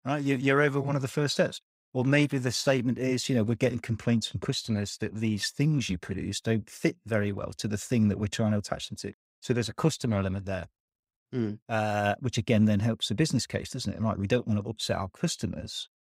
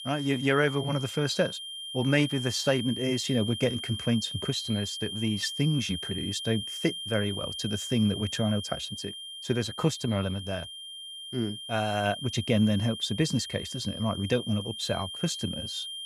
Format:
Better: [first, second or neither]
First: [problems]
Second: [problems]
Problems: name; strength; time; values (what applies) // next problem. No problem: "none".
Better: first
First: none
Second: high-pitched whine; loud; throughout; 3 kHz, 7 dB below the speech